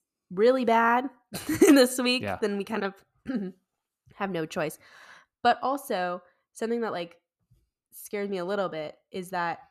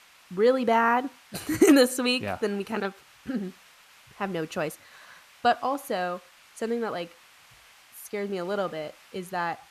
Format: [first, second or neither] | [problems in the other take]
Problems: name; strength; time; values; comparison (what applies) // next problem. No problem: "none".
first | hiss; faint; throughout; 25 dB below the speech